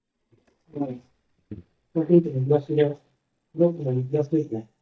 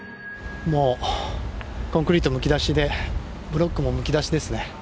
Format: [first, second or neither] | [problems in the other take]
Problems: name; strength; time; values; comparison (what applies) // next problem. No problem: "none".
second | noise reduction (neural mask model DeepFilterNet 3)